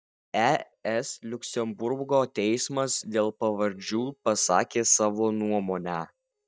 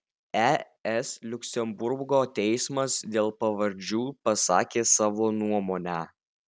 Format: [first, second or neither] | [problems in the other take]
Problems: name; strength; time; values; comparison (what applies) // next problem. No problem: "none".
second | noise reduction (neural mask model DeepFilterNet 3)